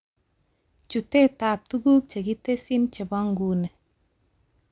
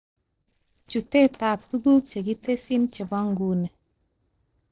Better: first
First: none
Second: noise reduction (neural separator model SepFormer DNS4)

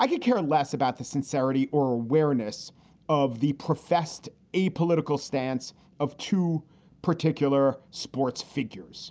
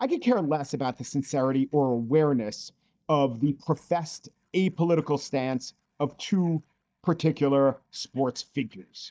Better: first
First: none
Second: noise reduction (neural mask model DeepFilterNet 3)

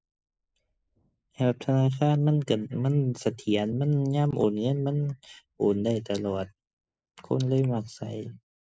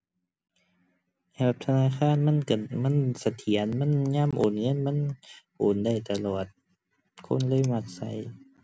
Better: second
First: noise reduction (neural mask model Resemble Enhance denoiser)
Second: none

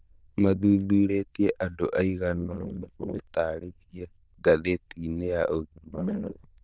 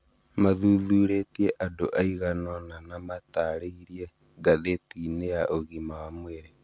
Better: second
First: noise reduction (neural diffusion model UNIVERSE++)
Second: none

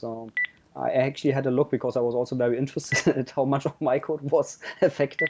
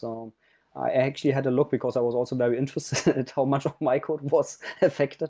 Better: second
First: background sound (Telephone); 12 dB below the speech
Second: none

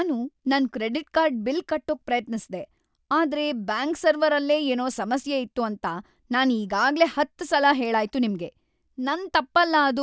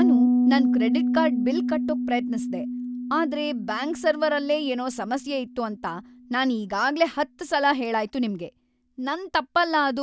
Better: first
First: none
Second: background sound (Piano); 1 dB below the speech

